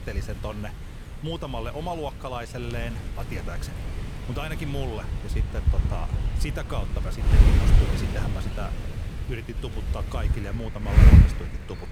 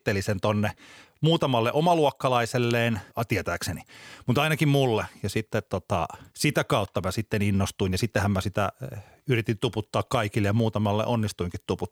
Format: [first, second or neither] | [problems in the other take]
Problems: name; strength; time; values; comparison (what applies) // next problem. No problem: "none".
second | wind noise on the microphone; heavy; 1 dB below the speech